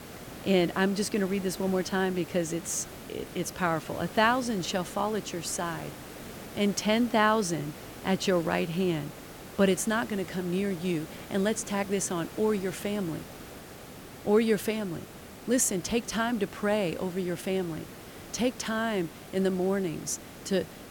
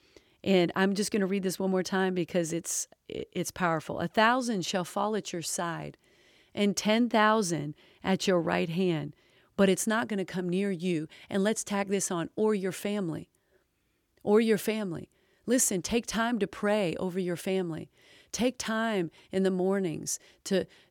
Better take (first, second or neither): second